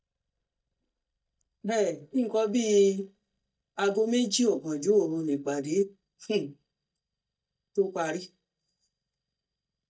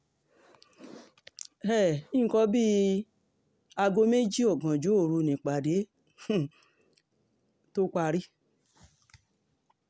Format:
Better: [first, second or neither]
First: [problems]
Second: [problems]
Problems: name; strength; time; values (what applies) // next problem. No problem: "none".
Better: second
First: noise reduction (neural mask model DeepFilterNet 3)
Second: none